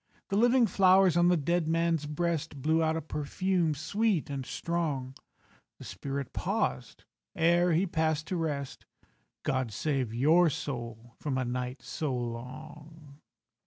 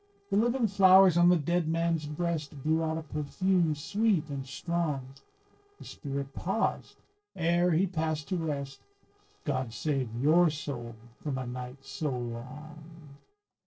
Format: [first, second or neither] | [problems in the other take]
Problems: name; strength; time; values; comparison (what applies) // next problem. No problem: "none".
first | noise reduction (neural separator model SepFormer DNS4)